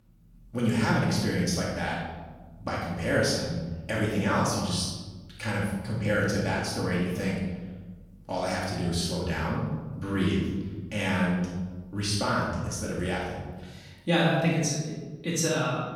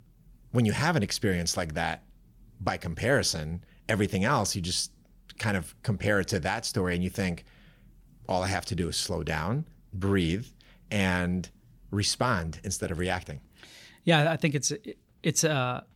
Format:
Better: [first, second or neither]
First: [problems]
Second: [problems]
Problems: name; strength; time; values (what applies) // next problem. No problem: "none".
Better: second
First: off-mic speech; far // room echo; noticeable; dies away in 1.2 s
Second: none